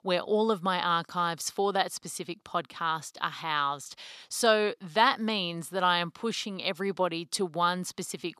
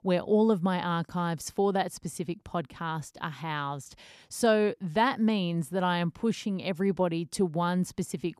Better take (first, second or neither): second